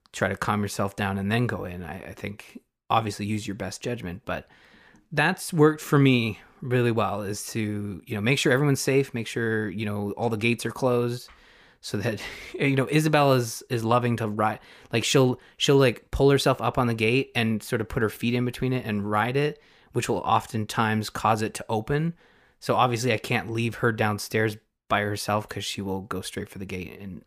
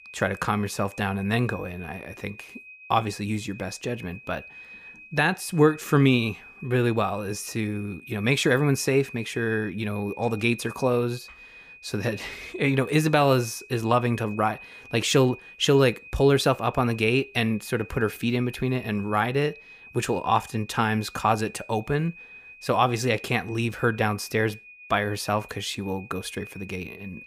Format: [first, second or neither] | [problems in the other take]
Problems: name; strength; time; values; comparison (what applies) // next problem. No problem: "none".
first | high-pitched whine; noticeable; throughout; 2.5 kHz, 20 dB below the speech